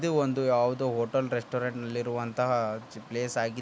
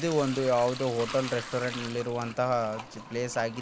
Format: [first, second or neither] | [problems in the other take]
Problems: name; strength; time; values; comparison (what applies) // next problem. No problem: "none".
first | background sound (Sink (filling or washing) / Liquid); 13 dB below the speech